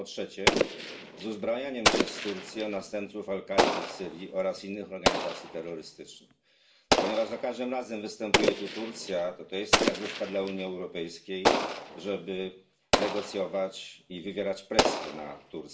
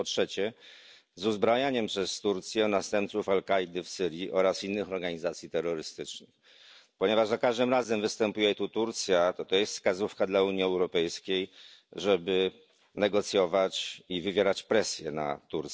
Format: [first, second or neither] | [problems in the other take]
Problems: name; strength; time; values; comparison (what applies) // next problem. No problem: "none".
second | background sound (Explosion); 4 dB above the speech // room echo; dies away in 0.4 s